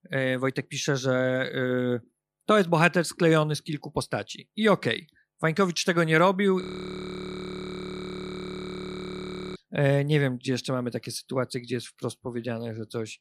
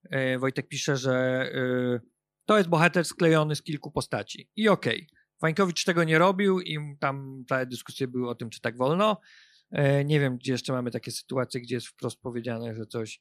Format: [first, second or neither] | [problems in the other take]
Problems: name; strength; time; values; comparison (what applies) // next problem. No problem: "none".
second | audio freezing; at 6.5 s for 3 s